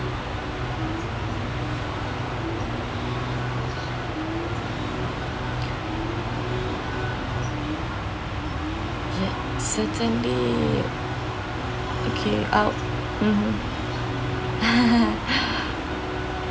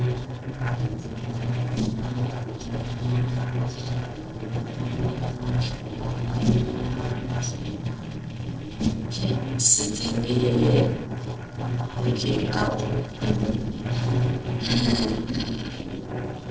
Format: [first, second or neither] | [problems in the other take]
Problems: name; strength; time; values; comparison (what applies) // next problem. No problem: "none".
first | noise reduction (neural separator model SepFormer DNS4)